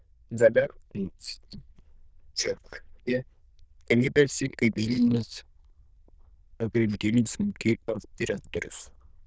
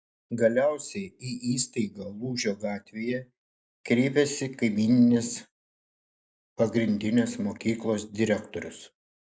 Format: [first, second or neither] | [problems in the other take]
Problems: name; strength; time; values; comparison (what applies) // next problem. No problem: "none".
second | noise reduction (neural diffusion model UNIVERSE++)